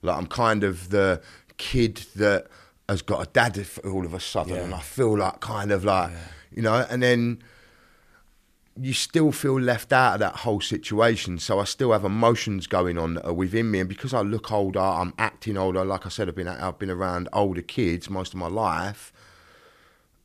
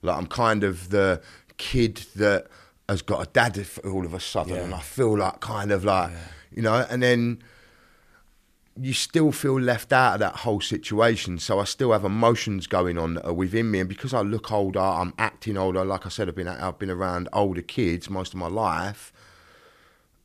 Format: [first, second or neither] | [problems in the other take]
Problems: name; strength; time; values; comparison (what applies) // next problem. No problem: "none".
neither | none